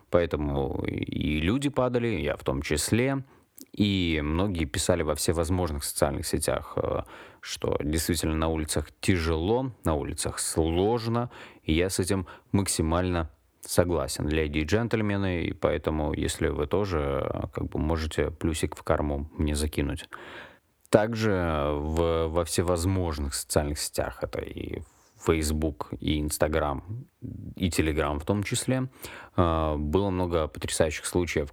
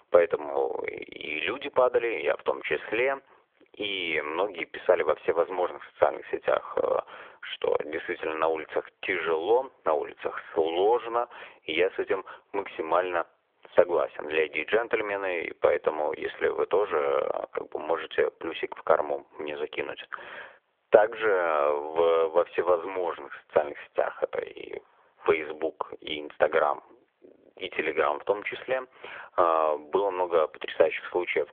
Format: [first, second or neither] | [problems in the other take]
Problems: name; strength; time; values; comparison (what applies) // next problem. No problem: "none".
first | phone-call audio; nothing above 3.5 kHz